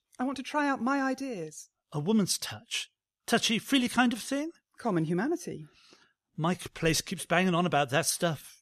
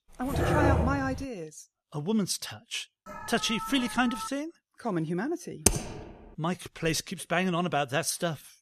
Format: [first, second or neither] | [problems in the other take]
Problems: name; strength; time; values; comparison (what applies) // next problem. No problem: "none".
first | dog barking; loud; at 0.5 s; peak 6 dB above the speech // alarm; noticeable; from 3 to 4.5 s; peak 7 dB below the speech // keyboard typing; loud; at 5.5 s; peak 5 dB above the speech